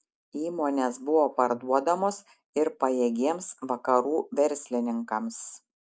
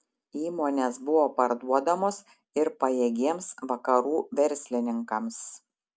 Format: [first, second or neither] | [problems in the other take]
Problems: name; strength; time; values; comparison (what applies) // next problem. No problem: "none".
second | noise reduction (neural mask model Resemble Enhance denoiser)